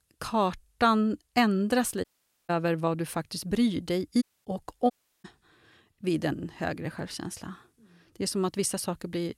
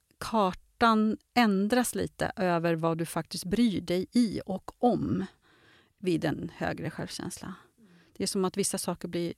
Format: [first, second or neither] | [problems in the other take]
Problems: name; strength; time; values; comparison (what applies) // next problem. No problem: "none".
second | audio cutting out; at 2 s, at 4 s and at 5 s